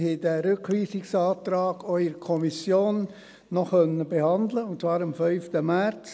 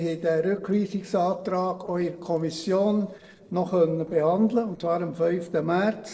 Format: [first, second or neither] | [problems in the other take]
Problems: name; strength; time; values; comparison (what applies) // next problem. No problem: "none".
first | noise reduction (neural separator model SepFormer DNS4)